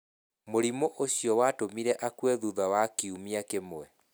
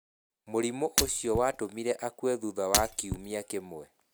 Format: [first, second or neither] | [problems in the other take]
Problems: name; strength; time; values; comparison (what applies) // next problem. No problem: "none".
first | background sound (Shatter); 2 dB below the speech